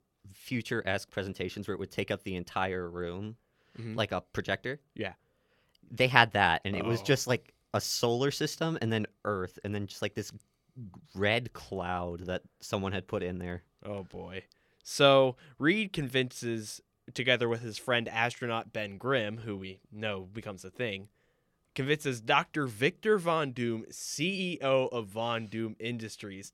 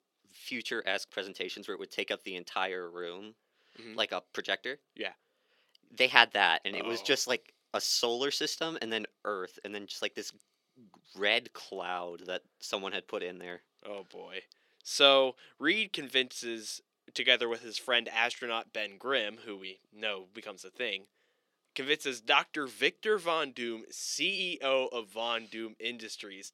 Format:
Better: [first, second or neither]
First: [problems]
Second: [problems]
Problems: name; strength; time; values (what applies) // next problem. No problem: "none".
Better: first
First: none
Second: thin; somewhat; fading below 300 Hz